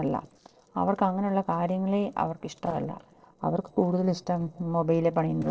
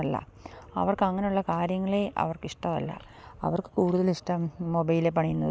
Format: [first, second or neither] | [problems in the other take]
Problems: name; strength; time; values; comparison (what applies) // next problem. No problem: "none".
second | noise reduction (neural separator model SepFormer DNS4)